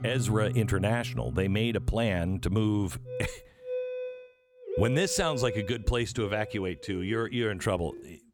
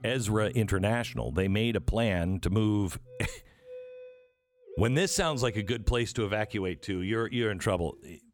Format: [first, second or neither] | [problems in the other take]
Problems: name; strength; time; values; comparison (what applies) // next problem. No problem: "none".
second | background music; loud; throughout; 9 dB below the speech; faint in the second